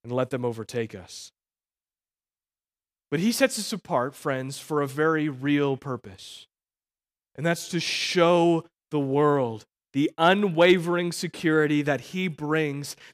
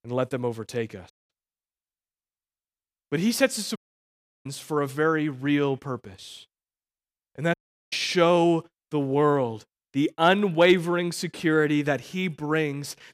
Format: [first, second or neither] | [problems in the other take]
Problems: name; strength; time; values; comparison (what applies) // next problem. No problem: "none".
first | audio cutting out; at 1 s, at 4 s for 0.5 s and at 7.5 s